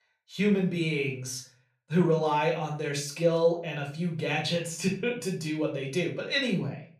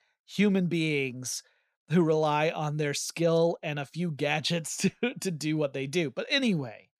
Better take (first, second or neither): second